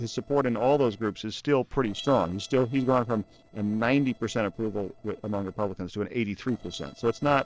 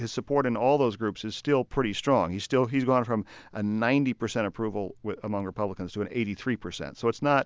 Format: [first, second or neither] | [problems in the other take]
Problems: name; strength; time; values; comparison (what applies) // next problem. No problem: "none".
second | noise reduction (neural separator model SepFormer DNS4)